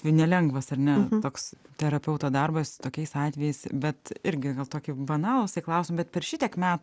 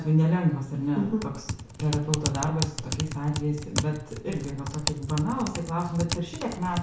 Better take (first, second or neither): first